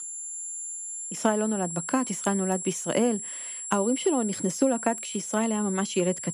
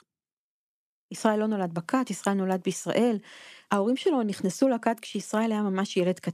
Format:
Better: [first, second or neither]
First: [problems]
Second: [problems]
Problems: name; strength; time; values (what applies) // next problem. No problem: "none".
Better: second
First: high-pitched whine; loud; throughout; 7.5 kHz, 6 dB below the speech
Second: none